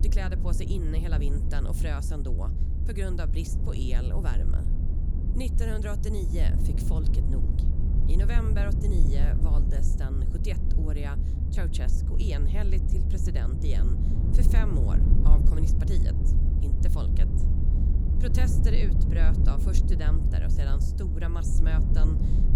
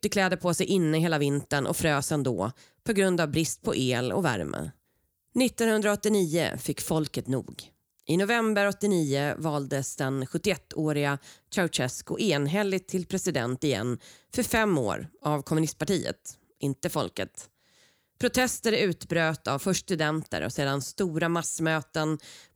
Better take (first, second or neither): second